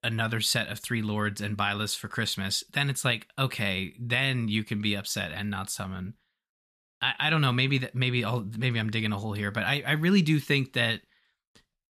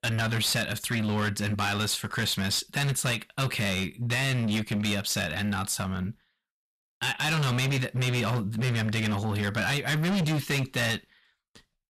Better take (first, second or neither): first